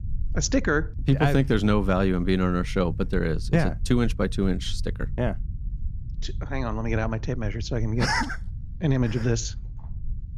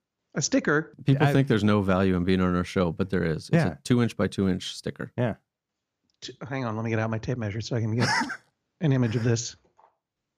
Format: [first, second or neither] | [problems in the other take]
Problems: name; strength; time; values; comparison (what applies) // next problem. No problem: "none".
second | low rumble; faint; throughout; 25 dB below the speech